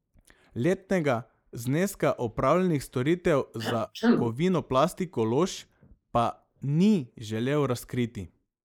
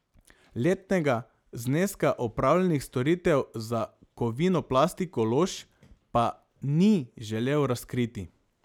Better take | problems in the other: second | noise reduction (neural mask model Resemble Enhance denoiser)

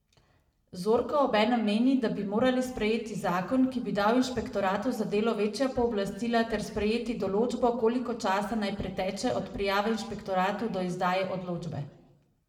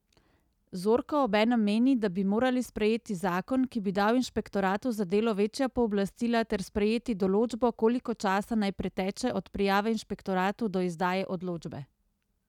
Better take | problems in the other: second | room echo; dies away in 0.8 s

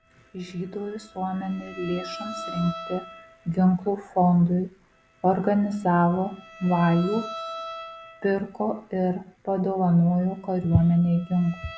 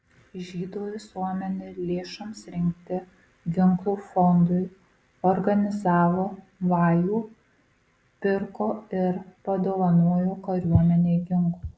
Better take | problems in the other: second | background sound (Bowed string instrument); 17 dB below the speech

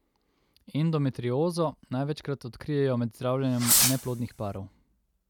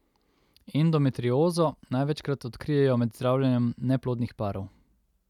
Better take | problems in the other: second | background sound (Fireworks); 2 dB above the speech

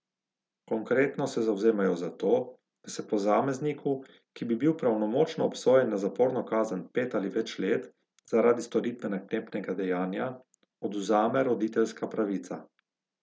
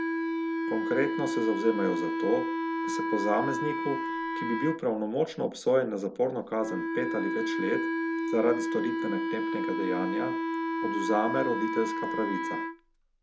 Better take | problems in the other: first | background sound (Wind instrument, woodwind instrument); as loud as the speech

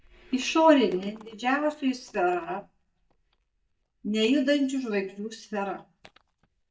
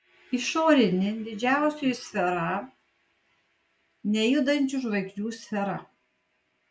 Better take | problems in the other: second | noise reduction (neural mask model DeepFilterNet 3)

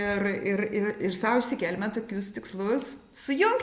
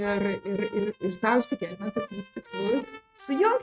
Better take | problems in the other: first | noise reduction (neural mask model RNNoise)

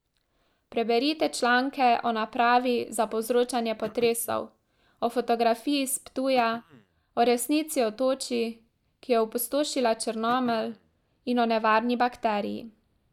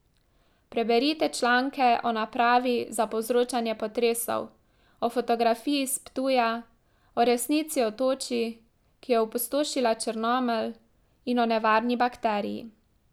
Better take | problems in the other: second | noise reduction (neural mask model DeepFilterNet 3)

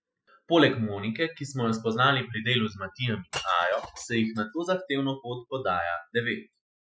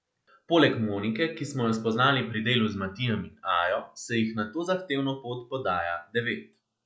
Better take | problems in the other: second | noise reduction (classical method spectral subtraction)

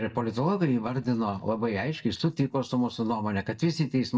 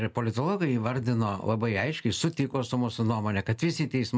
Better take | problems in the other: second | noise reduction (neural mask model DeepFilterNet 3)

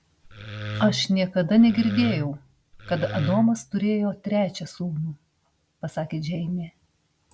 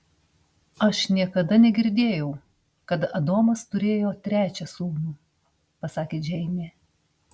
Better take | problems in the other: second | background sound (Wood); 9 dB below the speech

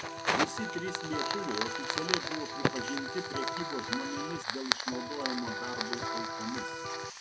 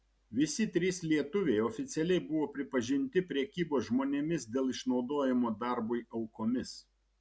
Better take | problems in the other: second | background sound (Fire + Electric guitar); 4 dB above the speech

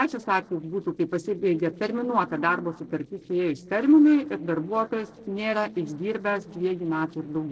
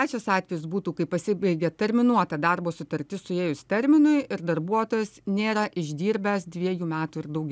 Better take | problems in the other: second | noise reduction (neural separator model SepFormer DNS4)

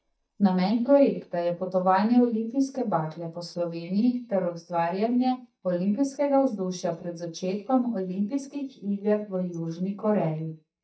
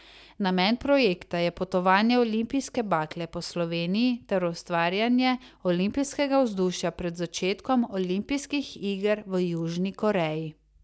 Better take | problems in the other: second | noise reduction (neural mask model DeepFilterNet 3)

